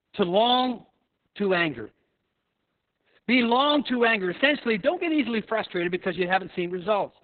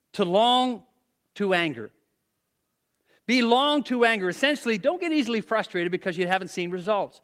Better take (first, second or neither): second